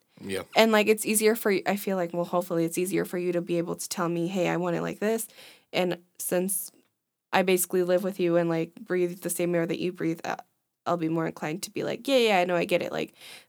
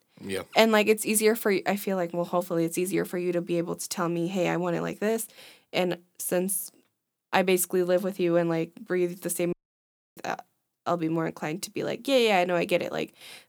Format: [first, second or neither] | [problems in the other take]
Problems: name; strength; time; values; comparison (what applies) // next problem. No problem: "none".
first | audio cutting out; at 9.5 s for 0.5 s